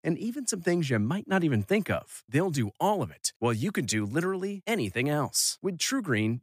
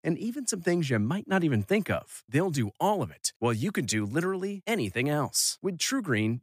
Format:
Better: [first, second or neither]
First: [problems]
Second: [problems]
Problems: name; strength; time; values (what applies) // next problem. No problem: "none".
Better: neither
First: none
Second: none